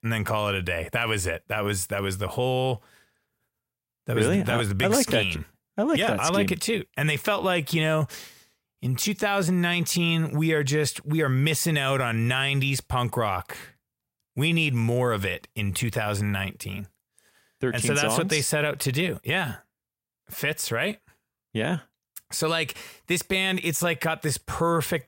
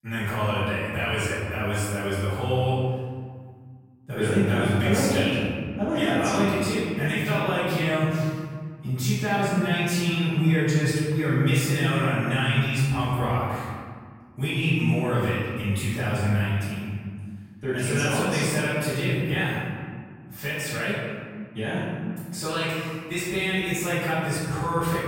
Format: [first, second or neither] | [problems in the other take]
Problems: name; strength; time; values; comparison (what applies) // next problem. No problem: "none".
first | off-mic speech; far // room echo; strong; dies away in 2 s